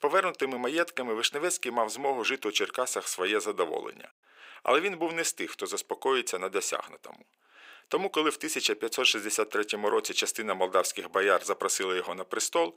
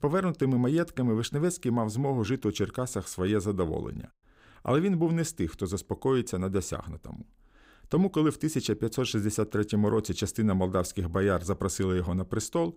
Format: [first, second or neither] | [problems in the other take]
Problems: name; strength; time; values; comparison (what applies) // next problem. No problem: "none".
second | thin; very; fading below 500 Hz